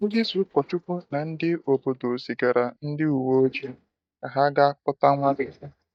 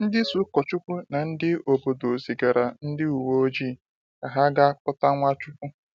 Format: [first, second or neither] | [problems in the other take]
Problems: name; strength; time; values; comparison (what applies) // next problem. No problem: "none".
second | noise reduction (neural mask model DeepFilterNet 3)